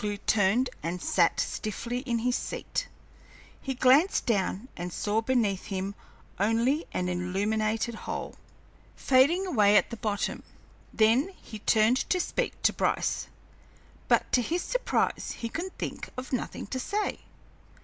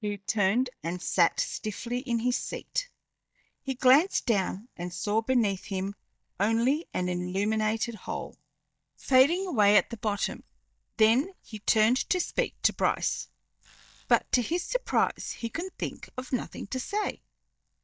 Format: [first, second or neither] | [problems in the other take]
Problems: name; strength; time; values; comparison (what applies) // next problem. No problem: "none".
first | noise reduction (neural mask model DeepFilterNet 3)